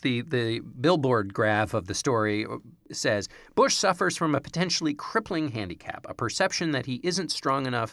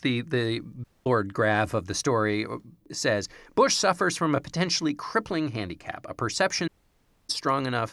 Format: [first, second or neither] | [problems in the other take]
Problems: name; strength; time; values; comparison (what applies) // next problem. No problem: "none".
first | audio cutting out; at 1 s and at 6.5 s for 0.5 s